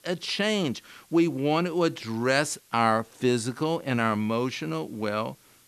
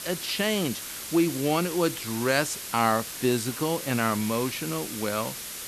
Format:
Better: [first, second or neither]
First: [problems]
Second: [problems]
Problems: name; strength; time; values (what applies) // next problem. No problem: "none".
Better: first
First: hiss; faint; throughout; 30 dB below the speech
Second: hiss; loud; throughout; 7 dB below the speech